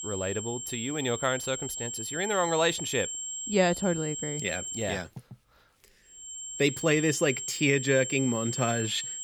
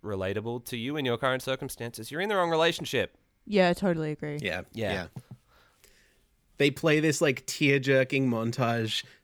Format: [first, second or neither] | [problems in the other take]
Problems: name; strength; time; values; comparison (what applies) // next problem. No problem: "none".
second | high-pitched whine; loud; until 5 s and from 6 s on; 7.5 kHz, 6 dB below the speech